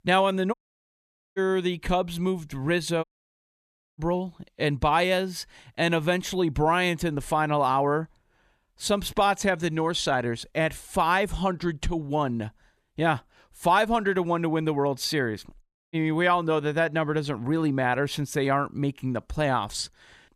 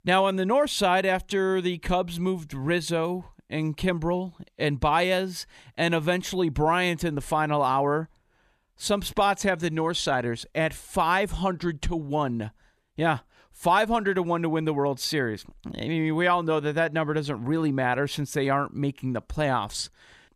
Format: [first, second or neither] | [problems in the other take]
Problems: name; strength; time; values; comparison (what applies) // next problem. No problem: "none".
second | audio cutting out; at 0.5 s for 1 s, at 3 s for 1 s and at 16 s